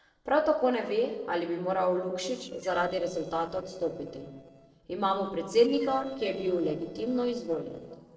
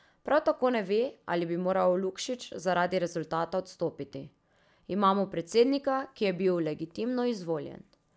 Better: second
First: noise reduction (neural separator model SepFormer DNS4)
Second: none

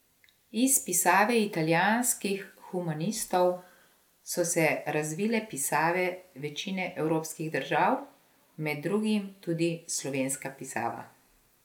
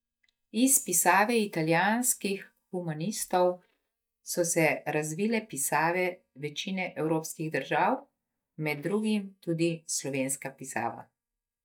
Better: first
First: none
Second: noise reduction (neural mask model DeepFilterNet 3)

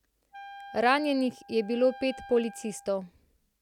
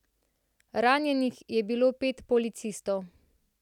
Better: second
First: background sound (Wind instrument, woodwind instrument); 18 dB below the speech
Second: none

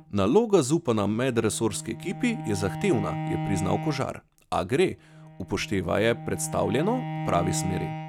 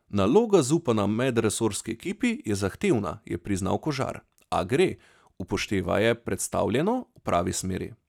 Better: second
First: background sound (Bowed string instrument); 8 dB below the speech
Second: none

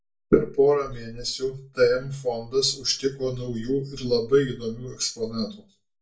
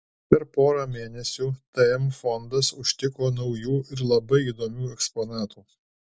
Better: second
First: room echo; dies away in 0.3 s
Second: none

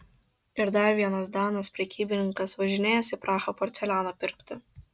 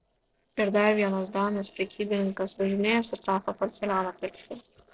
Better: first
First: none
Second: noise reduction (neural separator model SepFormer DNS4)

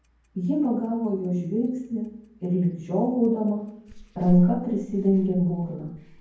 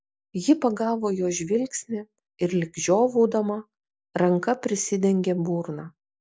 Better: second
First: background sound (Clock); 17 dB below the speech // room echo; dies away in 0.9 s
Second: none

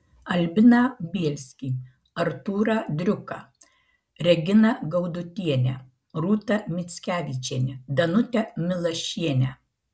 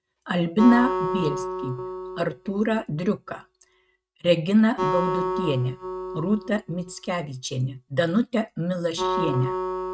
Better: first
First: none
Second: noise reduction (neural mask model RNNoise)

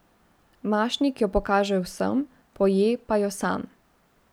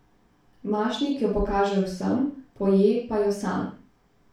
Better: first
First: none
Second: room echo; dies away in 0.4 s

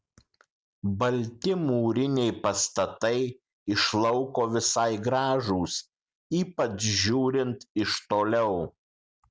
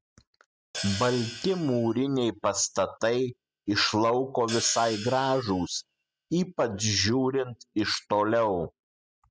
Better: first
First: none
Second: noise reduction (classical method spectral subtraction)

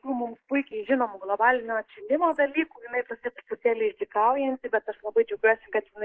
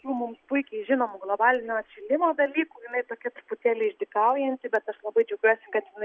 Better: second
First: noise reduction (neural mask model Resemble Enhance denoiser)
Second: none

